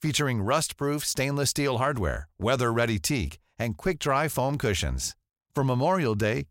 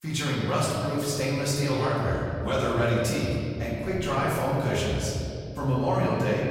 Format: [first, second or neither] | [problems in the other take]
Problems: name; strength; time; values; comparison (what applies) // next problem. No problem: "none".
first | room echo; strong; dies away in 2.8 s // off-mic speech; far